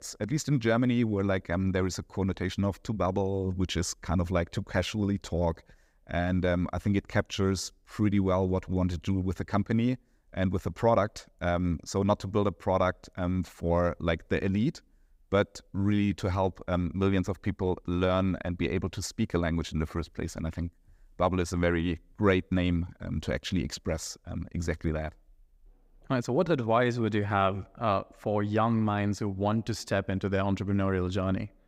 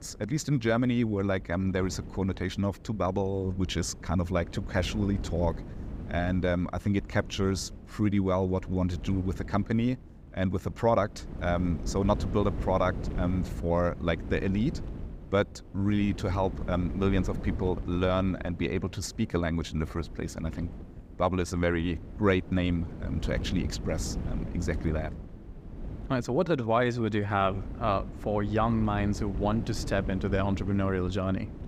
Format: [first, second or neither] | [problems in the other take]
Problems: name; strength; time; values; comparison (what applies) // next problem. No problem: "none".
first | wind noise on the microphone; occasional gusts; 15 dB below the speech